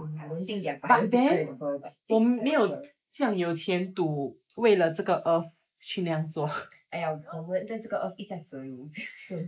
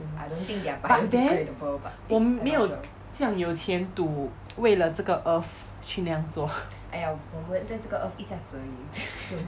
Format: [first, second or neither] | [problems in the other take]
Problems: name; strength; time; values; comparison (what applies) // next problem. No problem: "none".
second | noise reduction (neural mask model Resemble Enhance denoiser)